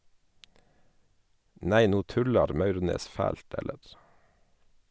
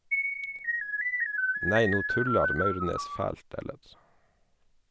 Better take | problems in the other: first | background sound (Keyboard (musical)); 2 dB above the speech

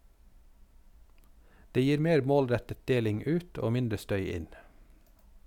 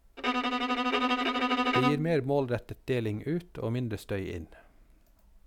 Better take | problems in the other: first | background sound (Bowed string instrument); 3 dB above the speech

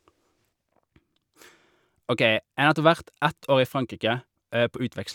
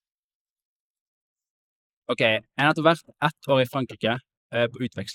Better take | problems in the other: first | noise reduction (neural mask model Resemble Enhance denoiser)

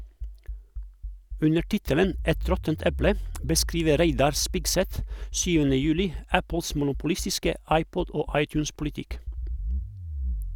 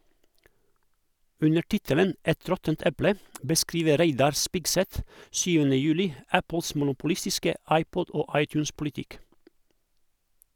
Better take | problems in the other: second | background sound (Accelerating, revving, vroom); 6 dB below the speech

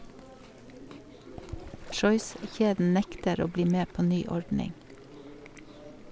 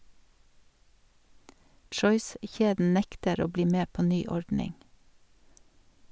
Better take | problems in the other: second | background sound (Chewing, mastication + Bird / Fowl); 16 dB below the speech

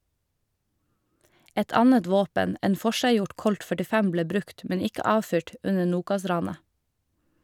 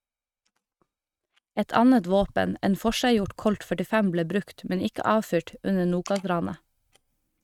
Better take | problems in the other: first | noise reduction (neural mask model RNNoise)

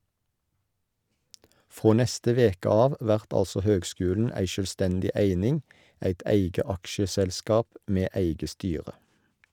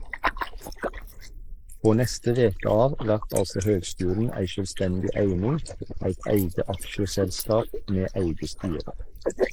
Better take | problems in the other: first | noise reduction (neural mask model Resemble Enhance denoiser)

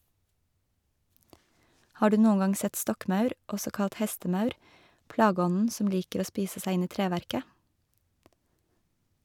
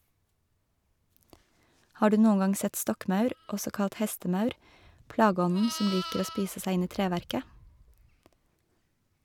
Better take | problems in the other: first | background sound (Livestock, farm animals, working animals); 18 dB below the speech

